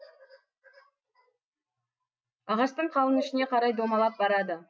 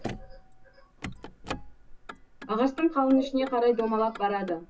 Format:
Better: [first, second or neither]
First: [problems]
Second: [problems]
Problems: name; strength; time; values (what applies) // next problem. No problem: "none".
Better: first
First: none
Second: background sound (Motor vehicle (road)); 14 dB below the speech // room echo; dies away in 0.2 s